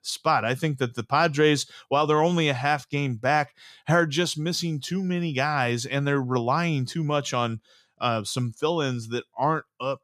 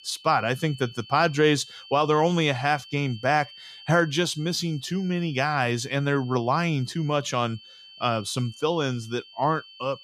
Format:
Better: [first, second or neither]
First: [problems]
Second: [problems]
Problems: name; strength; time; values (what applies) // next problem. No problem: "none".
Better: first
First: none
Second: high-pitched whine; noticeable; throughout; 3 kHz, 20 dB below the speech